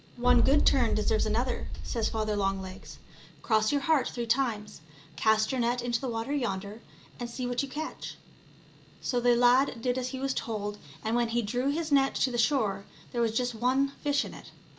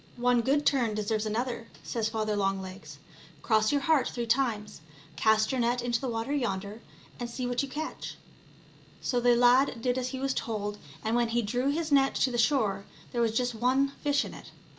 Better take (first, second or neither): second